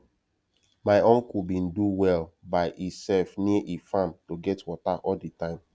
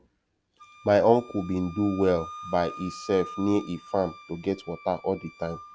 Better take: first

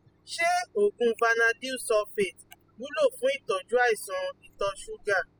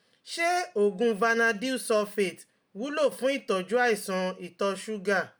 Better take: second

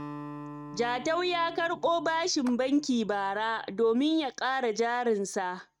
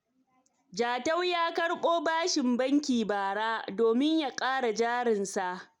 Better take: second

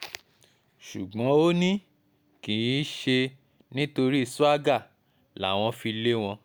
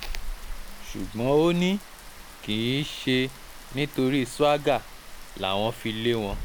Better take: first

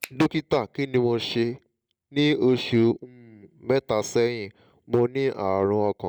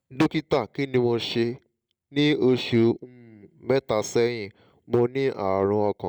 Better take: second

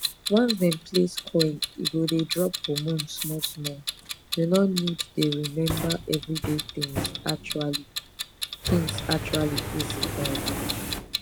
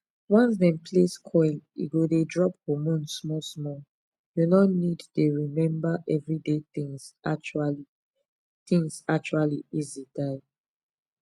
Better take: second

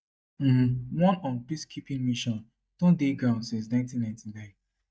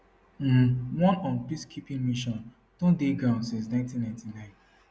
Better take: second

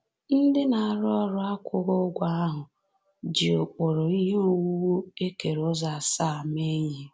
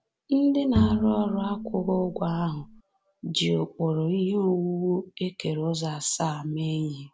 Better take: first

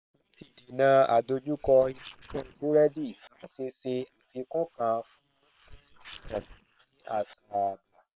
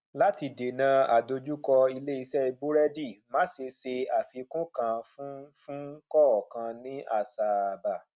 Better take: second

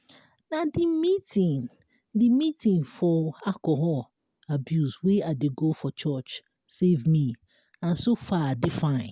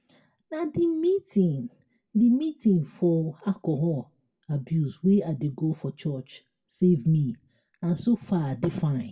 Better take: first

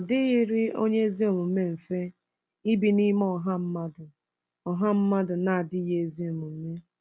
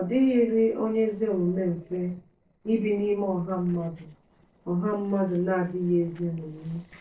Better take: first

